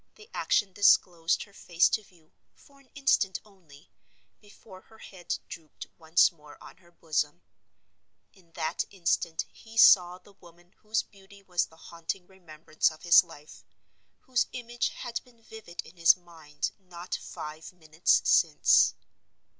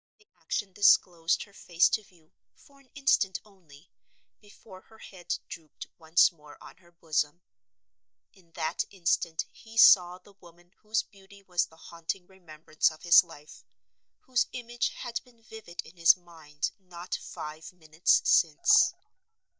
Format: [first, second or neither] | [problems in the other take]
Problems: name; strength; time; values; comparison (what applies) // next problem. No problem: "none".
first | noise reduction (neural mask model DeepFilterNet 3)